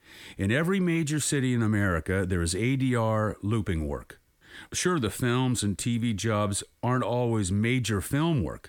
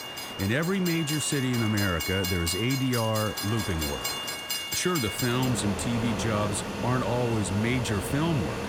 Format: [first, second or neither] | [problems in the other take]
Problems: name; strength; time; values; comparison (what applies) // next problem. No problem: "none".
first | train or aircraft noise; loud; throughout; 4 dB below the speech